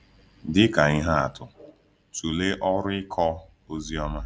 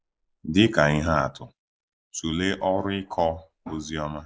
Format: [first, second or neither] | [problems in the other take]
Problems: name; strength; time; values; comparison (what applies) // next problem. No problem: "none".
first | noise reduction (neural mask model Resemble Enhance denoiser)